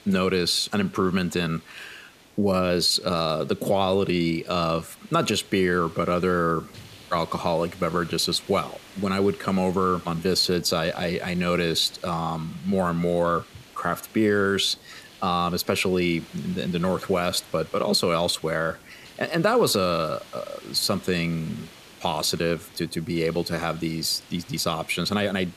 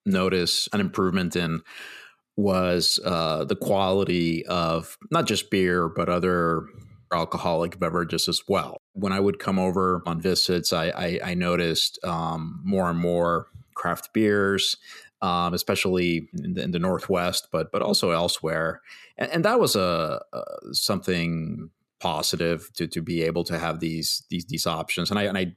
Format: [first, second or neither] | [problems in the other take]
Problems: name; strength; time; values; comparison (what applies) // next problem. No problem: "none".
second | hiss; faint; throughout; 20 dB below the speech